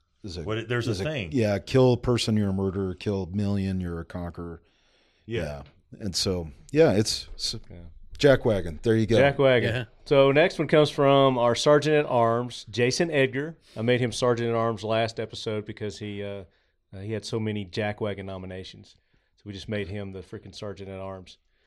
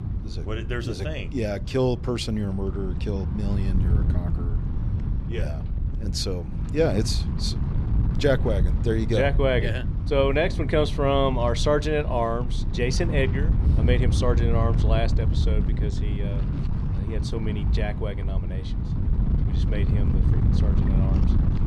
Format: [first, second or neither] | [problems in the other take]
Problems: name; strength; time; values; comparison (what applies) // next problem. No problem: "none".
first | wind noise on the microphone; occasional gusts; 10 dB below the speech